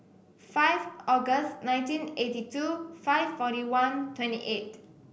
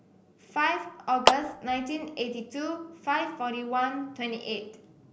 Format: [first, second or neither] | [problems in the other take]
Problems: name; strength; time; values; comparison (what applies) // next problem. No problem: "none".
first | background sound (Clapping); 3 dB above the speech